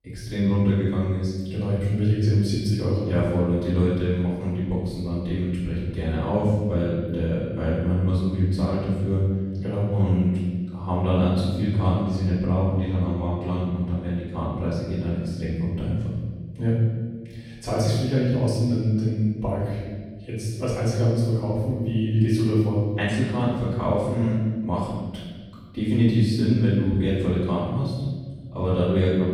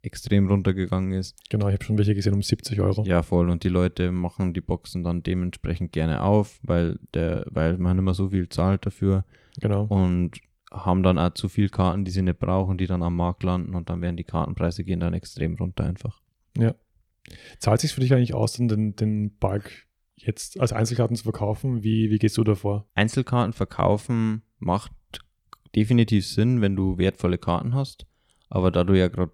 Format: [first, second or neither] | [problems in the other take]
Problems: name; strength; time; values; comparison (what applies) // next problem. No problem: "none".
second | off-mic speech; far // room echo; strong; dies away in 1.6 s